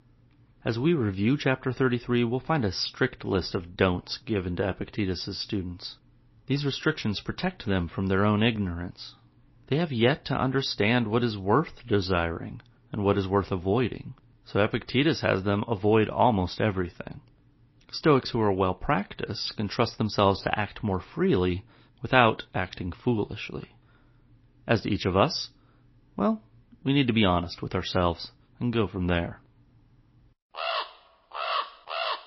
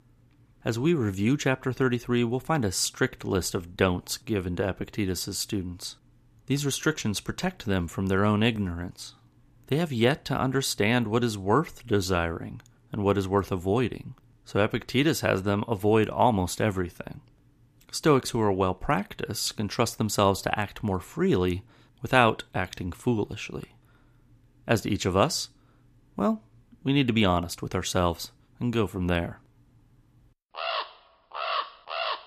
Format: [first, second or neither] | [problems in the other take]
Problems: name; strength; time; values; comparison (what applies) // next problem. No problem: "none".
second | garbled, watery; slightly; nothing above 5.5 kHz